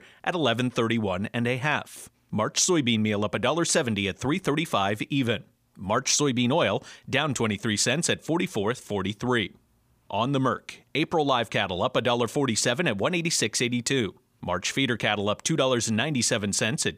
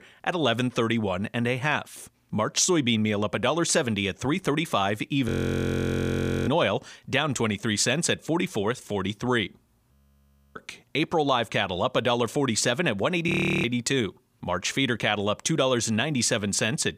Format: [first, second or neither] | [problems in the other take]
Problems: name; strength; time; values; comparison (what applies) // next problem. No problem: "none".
first | audio freezing; at 5.5 s for 1 s, at 10 s for 0.5 s and at 13 s